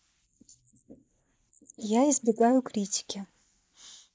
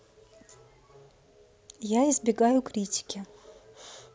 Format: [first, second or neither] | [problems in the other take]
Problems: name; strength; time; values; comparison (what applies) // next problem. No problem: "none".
second | noise reduction (neural mask model Resemble Enhance denoiser)